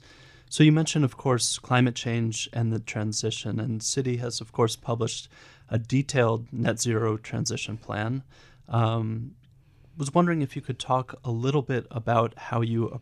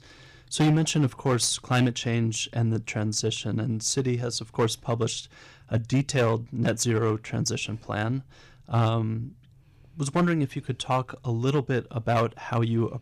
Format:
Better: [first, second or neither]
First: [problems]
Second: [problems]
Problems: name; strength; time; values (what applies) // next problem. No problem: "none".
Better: first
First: none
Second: distortion; slight; 4% of the sound clipped